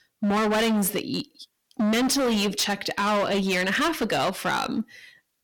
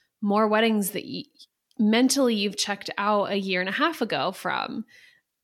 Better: second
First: distortion; heavy; 23% of the sound clipped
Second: none

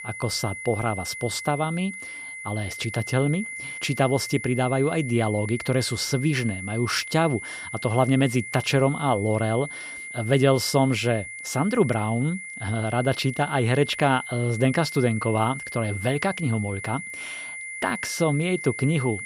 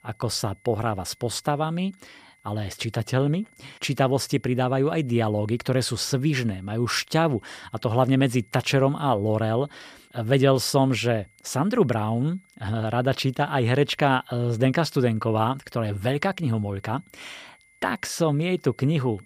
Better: second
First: high-pitched whine; loud; throughout; 2 kHz, 9 dB below the speech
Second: high-pitched whine; faint; throughout; 2 kHz, 35 dB below the speech

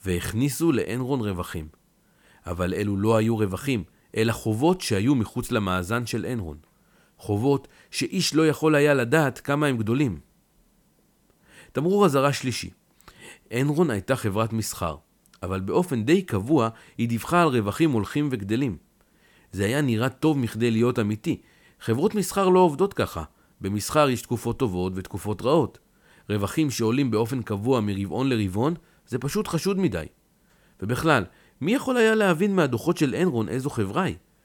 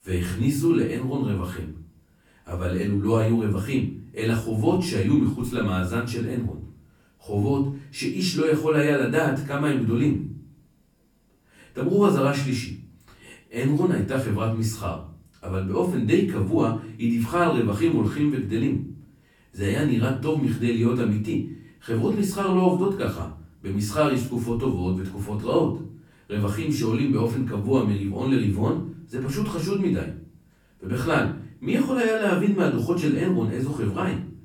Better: first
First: none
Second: room echo; slight; dies away in 0.5 s // off-mic speech; far

